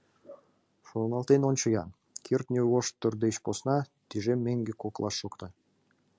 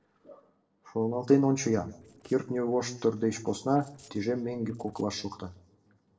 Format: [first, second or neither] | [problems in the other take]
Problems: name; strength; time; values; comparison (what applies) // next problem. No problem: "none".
first | noise reduction (neural separator model SepFormer DNS4)